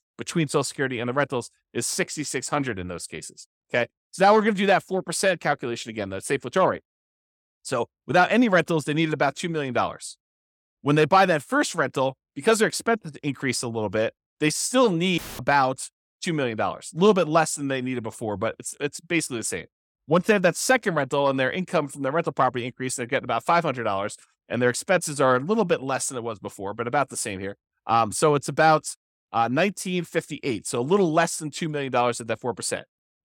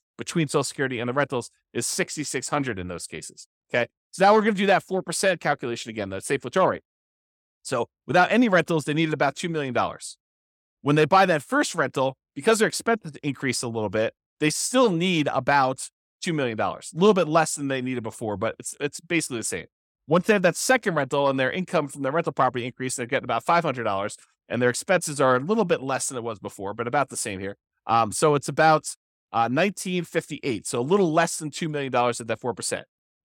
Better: second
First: audio cutting out; filled with static; at 15 s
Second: none

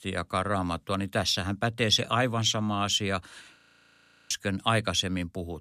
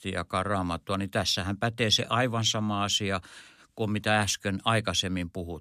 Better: second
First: audio freezing; at 3.5 s for 0.5 s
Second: none

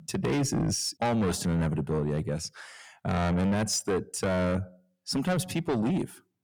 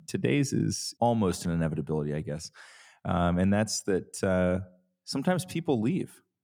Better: second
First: distortion; heavy; 7 dB below the speech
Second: none

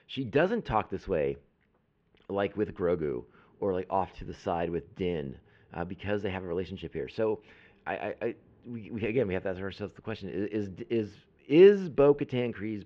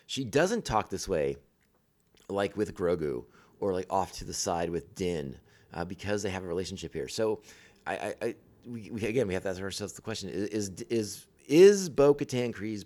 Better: second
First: muffled; very; fading above 3 kHz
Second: none

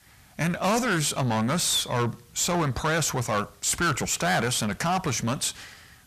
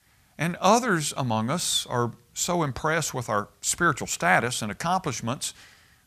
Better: second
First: distortion; heavy; 6 dB below the speech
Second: none

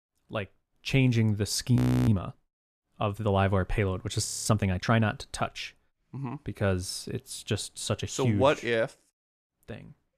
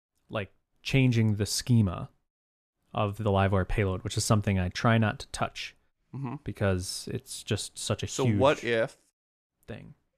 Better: second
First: audio freezing; at 2 s and at 4.5 s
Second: none

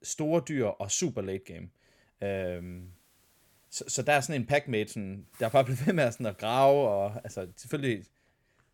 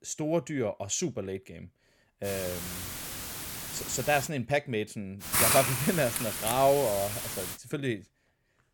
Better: first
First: hiss; faint; from 2.5 to 4.5 s and from 5 to 7.5 s; 30 dB below the speech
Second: hiss; loud; from 2.5 to 4.5 s and from 5 to 7.5 s; 1 dB below the speech

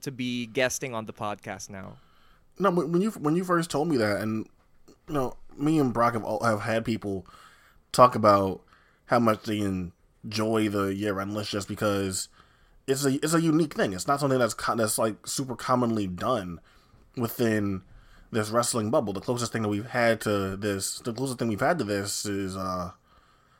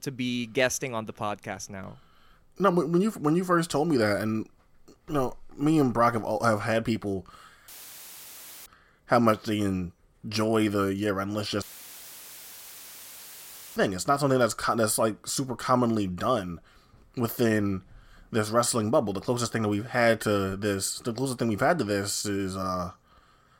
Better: first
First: none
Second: audio cutting out; filled with static; at 7.5 s for 1 s and at 12 s for 2 s

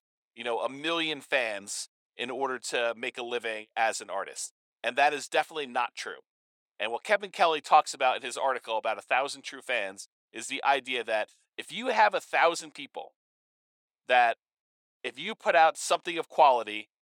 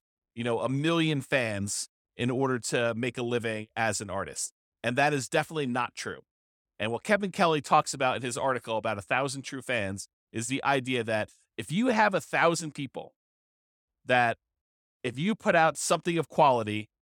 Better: second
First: thin; very; fading below 450 Hz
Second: none

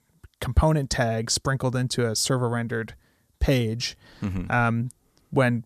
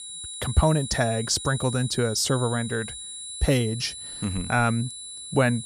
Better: first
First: none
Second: high-pitched whine; loud; throughout; 10 kHz, 9 dB below the speech

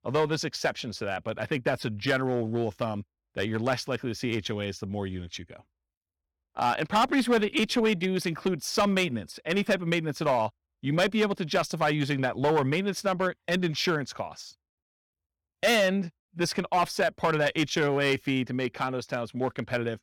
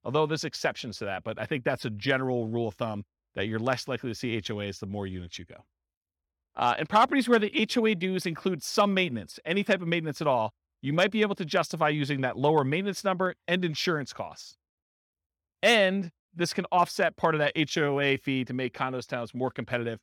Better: second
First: distortion; slight; 4% of the sound clipped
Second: none

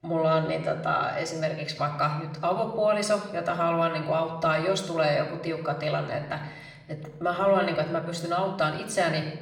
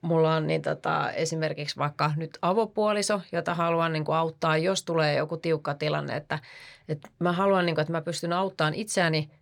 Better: second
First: room echo; slight; dies away in 0.9 s // off-mic speech; somewhat distant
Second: none

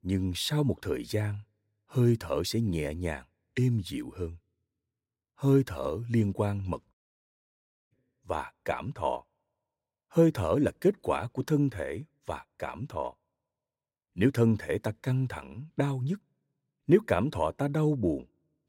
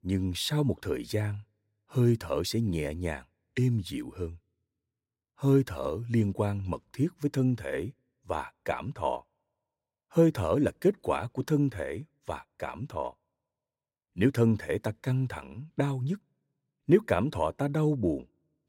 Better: second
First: audio cutting out; at 7 s for 1 s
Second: none

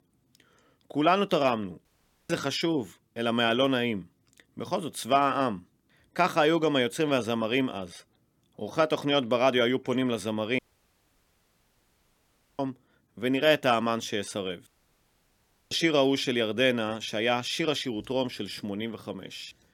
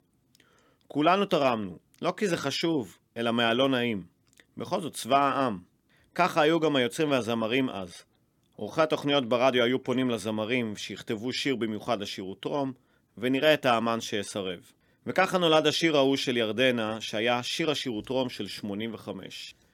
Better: second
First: audio cutting out; at 2 s, at 11 s for 2 s and at 15 s for 1 s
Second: none

